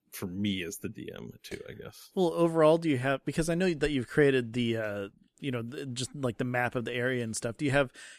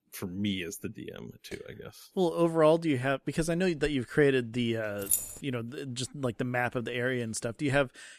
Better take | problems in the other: first | jangling keys; loud; at 5 s; peak 1 dB above the speech

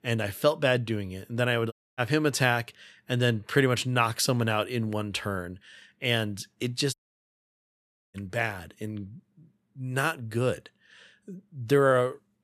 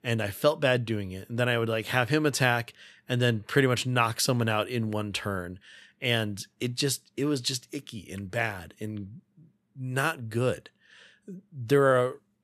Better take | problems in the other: second | audio cutting out; at 1.5 s and at 7 s for 1 s

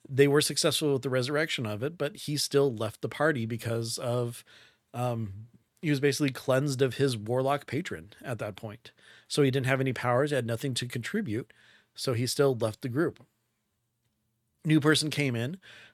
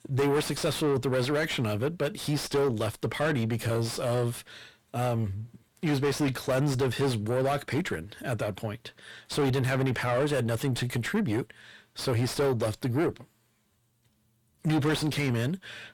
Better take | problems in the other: first | distortion; heavy; 5 dB below the speech

